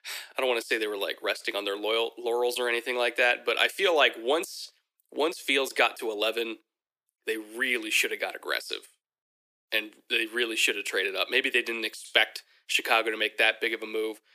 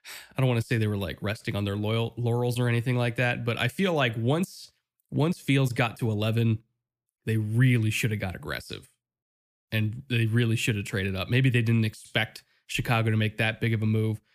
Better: second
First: thin; very; fading below 350 Hz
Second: none

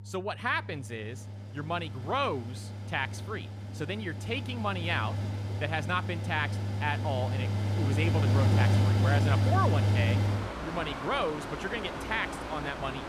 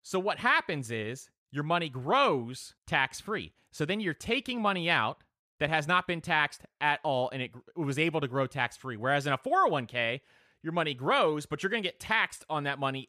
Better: second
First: machinery noise; very loud; throughout; 3 dB above the speech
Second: none

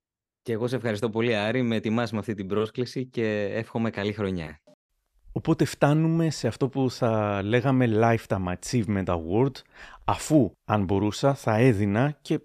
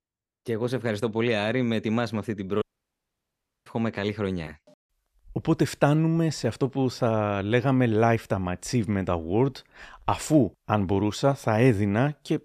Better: first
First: none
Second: audio cutting out; at 2.5 s for 1 s

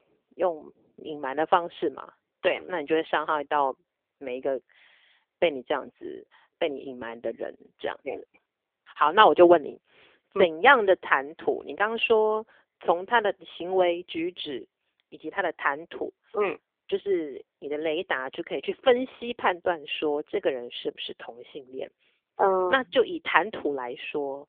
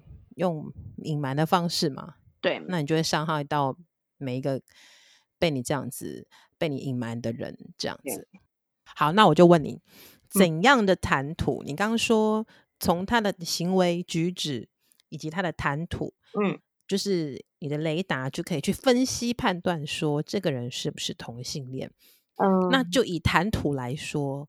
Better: second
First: phone-call audio; poor line; nothing above 3.5 kHz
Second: none

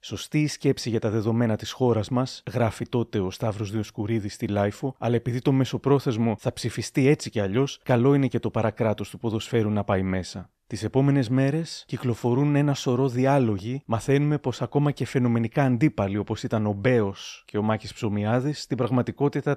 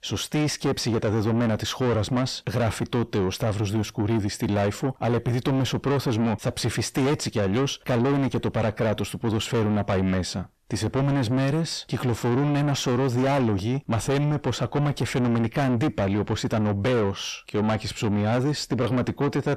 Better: first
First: none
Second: distortion; heavy; 6 dB below the speech

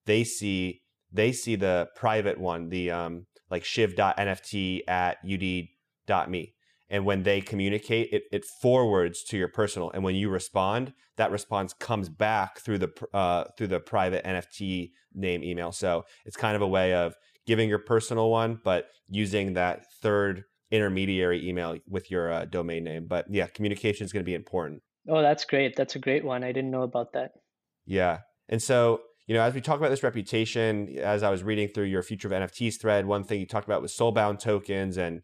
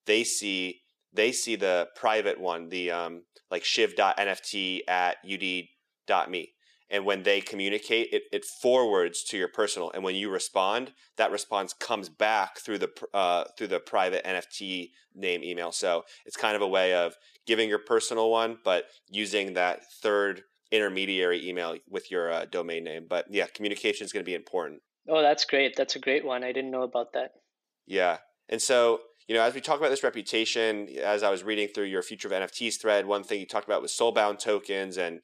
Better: first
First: none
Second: thin; somewhat; fading below 300 Hz

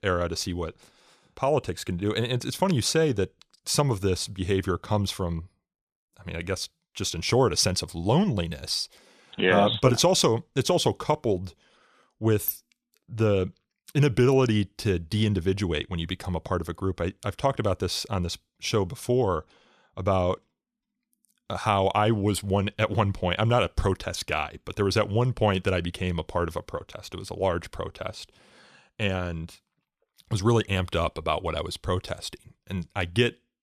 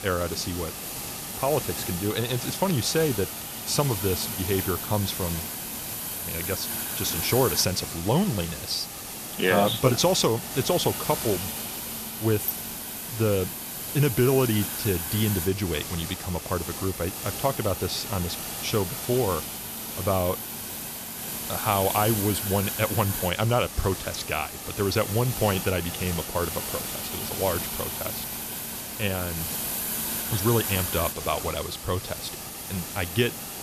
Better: first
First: none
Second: hiss; loud; throughout; 4 dB below the speech

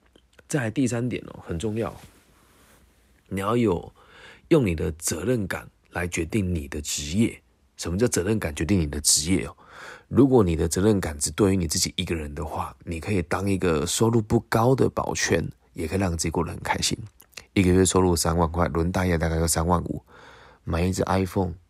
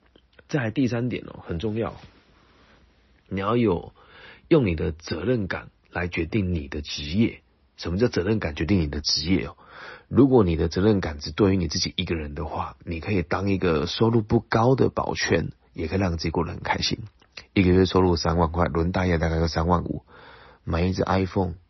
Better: first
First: none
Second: garbled, watery; slightly; nothing above 6 kHz

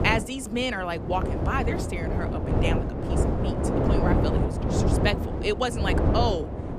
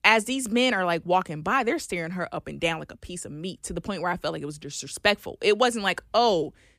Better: second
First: wind noise on the microphone; heavy; 2 dB below the speech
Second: none

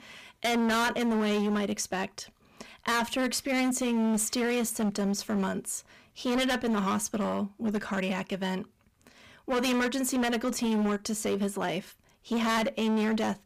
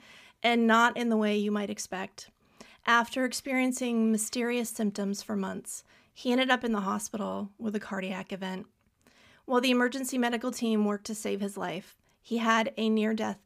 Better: second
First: distortion; heavy; 20% of the sound clipped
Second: none

